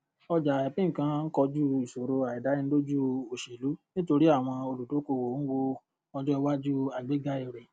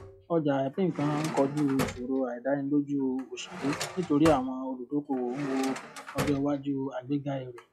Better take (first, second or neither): first